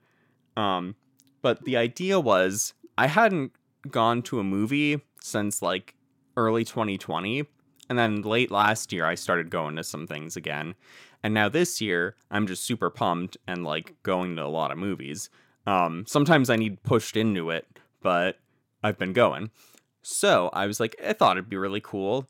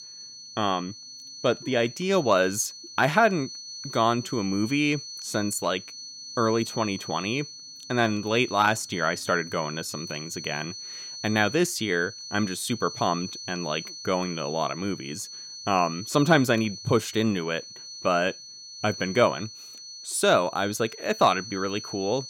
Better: first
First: none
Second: high-pitched whine; noticeable; throughout; 4.5 kHz, 10 dB below the speech

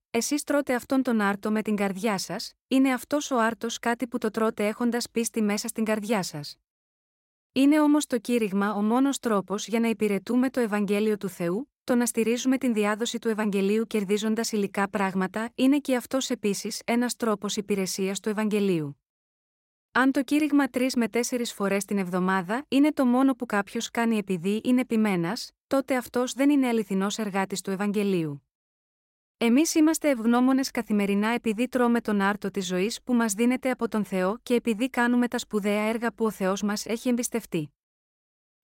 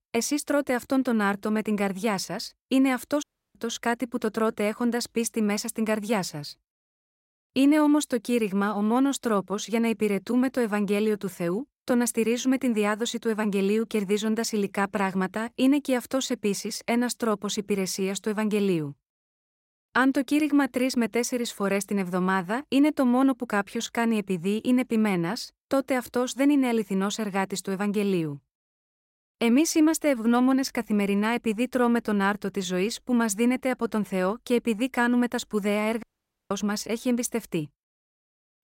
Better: first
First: none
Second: audio cutting out; at 3 s and at 36 s

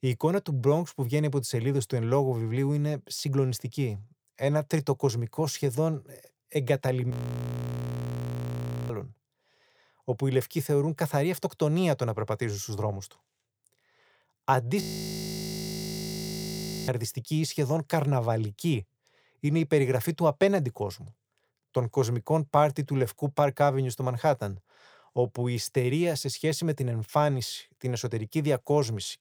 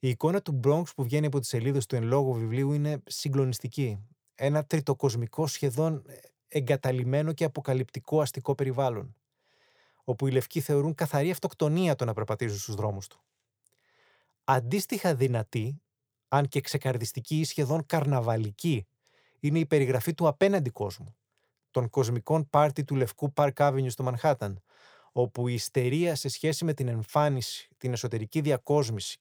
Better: second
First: audio freezing; at 7 s for 2 s and at 15 s for 2 s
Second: none

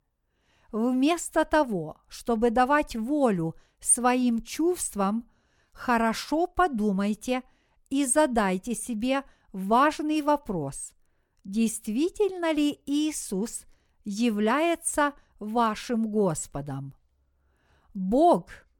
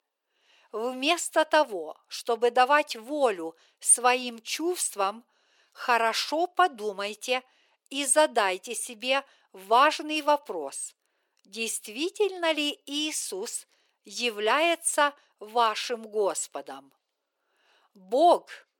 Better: first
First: none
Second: thin; somewhat; fading below 400 Hz

